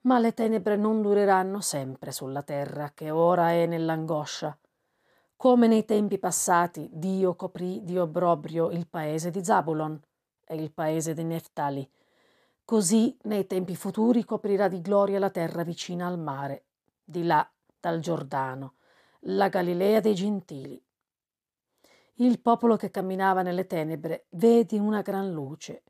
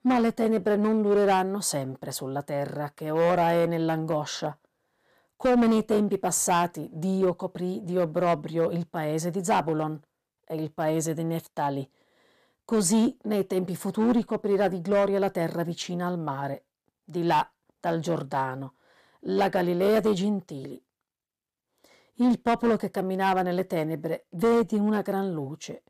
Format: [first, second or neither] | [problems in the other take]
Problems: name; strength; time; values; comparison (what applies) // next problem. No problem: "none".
first | distortion; slight; 4% of the sound clipped